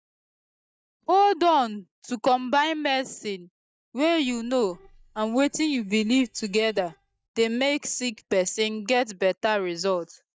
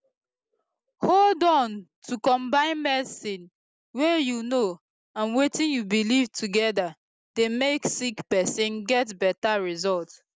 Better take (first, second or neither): second